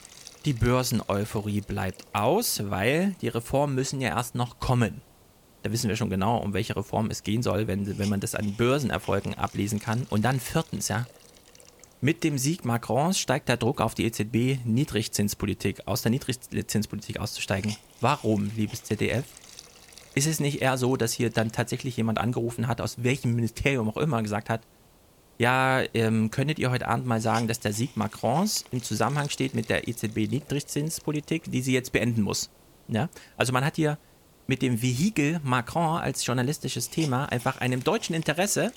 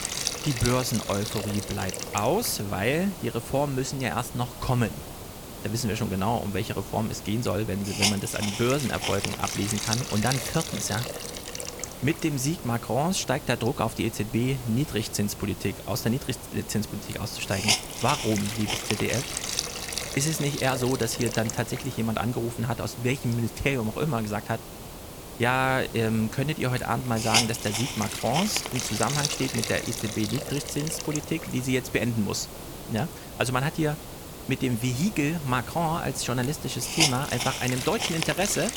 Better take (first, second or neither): first